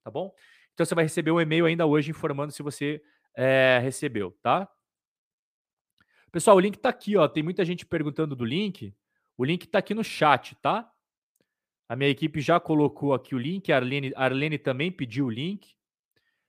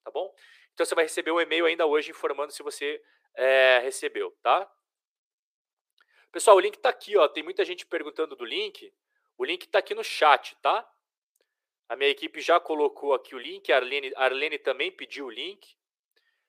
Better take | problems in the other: first | thin; very; fading below 400 Hz

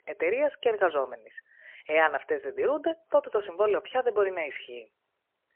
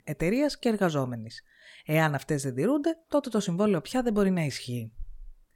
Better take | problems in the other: second | phone-call audio; poor line; nothing above 3 kHz

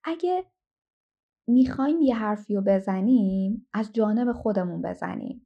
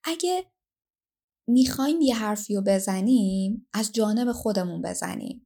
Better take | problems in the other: second | muffled; very; fading above 1.5 kHz

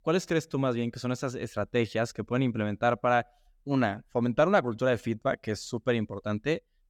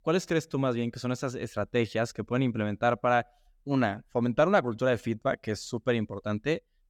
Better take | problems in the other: neither | none

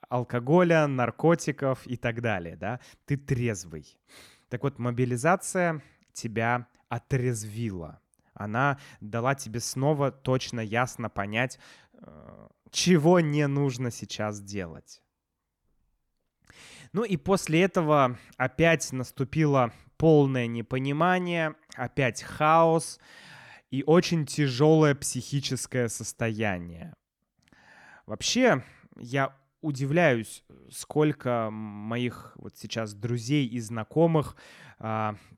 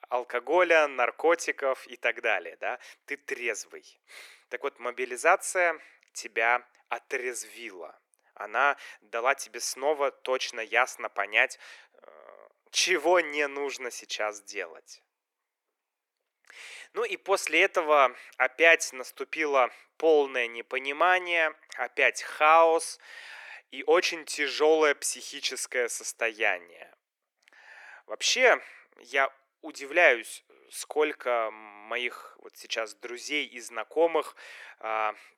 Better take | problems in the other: first | thin; very; fading below 400 Hz

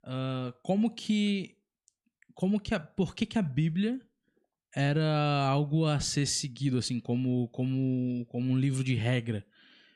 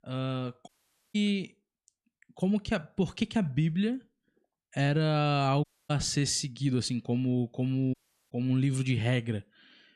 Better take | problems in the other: first | audio cutting out; at 0.5 s, at 5.5 s and at 8 s

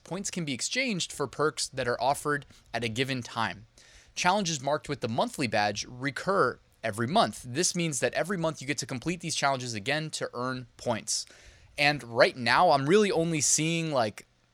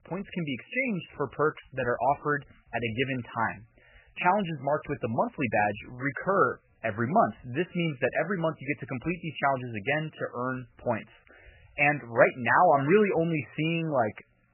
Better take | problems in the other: first | garbled, watery; badly; nothing above 3 kHz

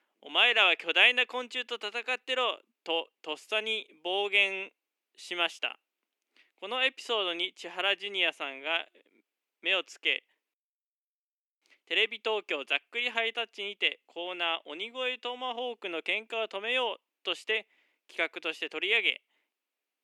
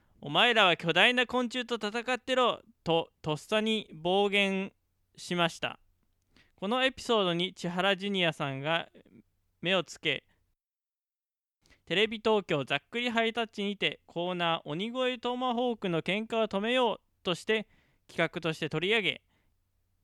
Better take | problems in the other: second | thin; somewhat; fading below 300 Hz

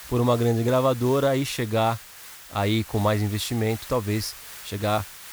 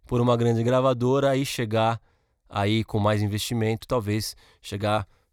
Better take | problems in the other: second | hiss; noticeable; throughout; 15 dB below the speech

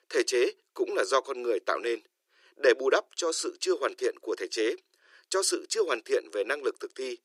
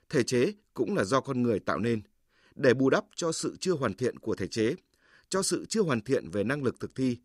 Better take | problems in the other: second | thin; very; fading below 350 Hz

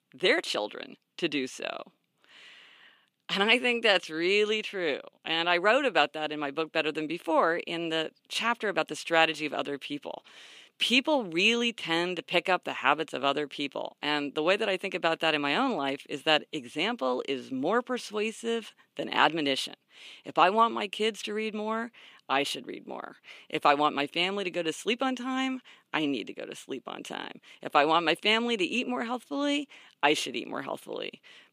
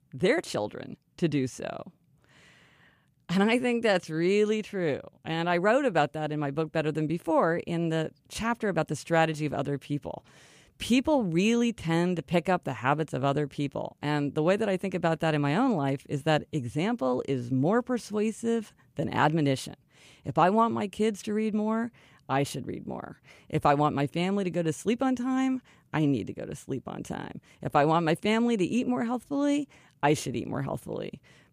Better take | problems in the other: second | thin; very slightly; fading below 250 Hz

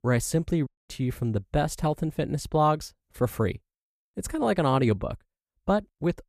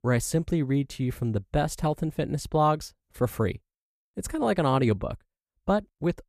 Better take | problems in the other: second | audio cutting out; at 0.5 s

